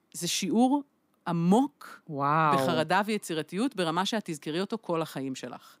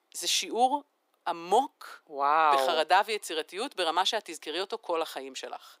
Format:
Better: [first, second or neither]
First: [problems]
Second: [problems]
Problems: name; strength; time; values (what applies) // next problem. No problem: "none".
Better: first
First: none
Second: thin; very; fading below 400 Hz